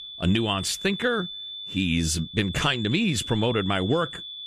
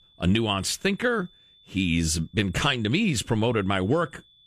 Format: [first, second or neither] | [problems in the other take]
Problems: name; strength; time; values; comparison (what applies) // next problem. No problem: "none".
second | high-pitched whine; loud; throughout; 3.5 kHz, 9 dB below the speech; faint in the second